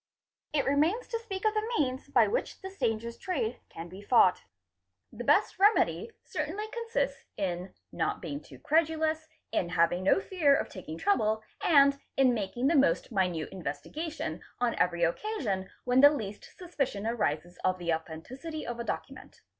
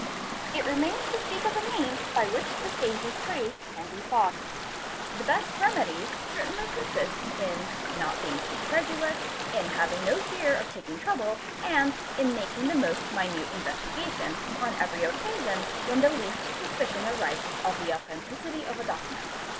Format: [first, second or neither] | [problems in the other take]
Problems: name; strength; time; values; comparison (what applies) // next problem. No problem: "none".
first | background sound (Stream / Ocean); 3 dB below the speech